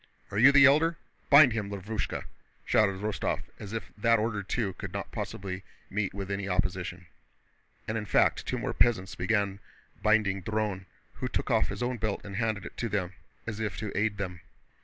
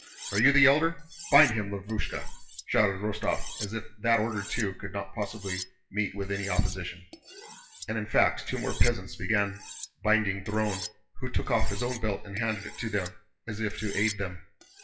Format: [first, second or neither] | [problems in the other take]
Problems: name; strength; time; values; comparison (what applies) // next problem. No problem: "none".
first | noise reduction (classical method WPE with log-MMSE)